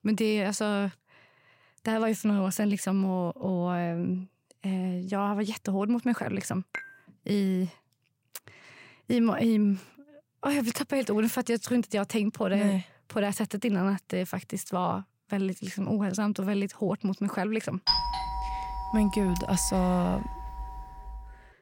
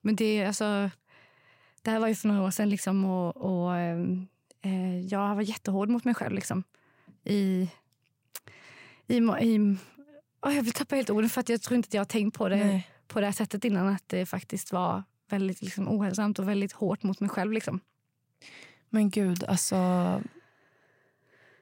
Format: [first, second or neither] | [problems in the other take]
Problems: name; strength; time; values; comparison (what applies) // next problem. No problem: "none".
second | clattering dishes; faint; at 6.5 s; peak 10 dB below the speech // doorbell; loud; from 18 s on; peak 4 dB above the speech